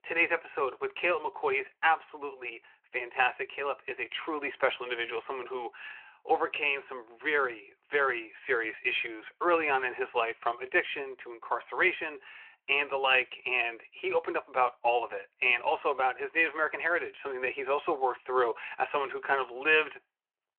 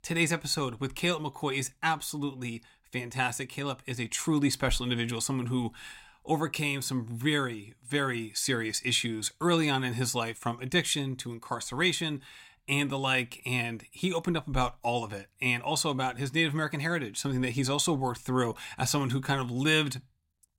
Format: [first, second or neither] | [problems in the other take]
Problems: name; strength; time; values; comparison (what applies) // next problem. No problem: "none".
second | phone-call audio